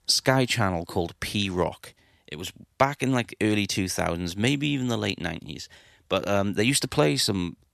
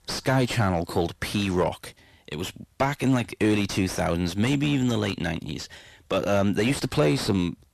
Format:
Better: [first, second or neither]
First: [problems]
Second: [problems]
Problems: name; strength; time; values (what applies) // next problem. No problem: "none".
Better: first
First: none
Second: distortion; heavy; 6 dB below the speech